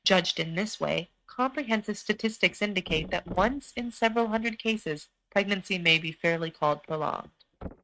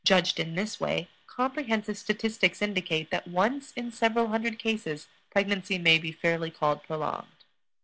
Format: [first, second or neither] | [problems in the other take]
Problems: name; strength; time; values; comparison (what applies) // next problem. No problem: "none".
second | noise reduction (neural mask model RNNoise)